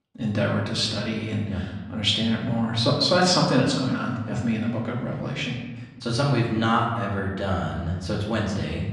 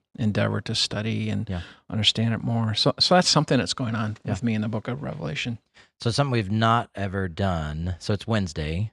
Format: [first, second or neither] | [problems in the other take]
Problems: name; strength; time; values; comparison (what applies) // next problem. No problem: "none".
second | room echo; noticeable; dies away in 1.1 s // off-mic speech; far